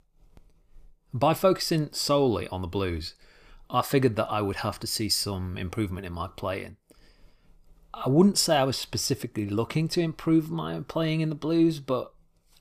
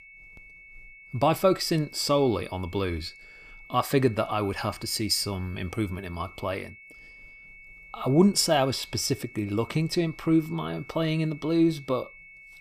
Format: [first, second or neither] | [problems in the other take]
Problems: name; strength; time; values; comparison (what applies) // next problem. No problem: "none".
first | high-pitched whine; faint; throughout; 2 kHz, 20 dB below the speech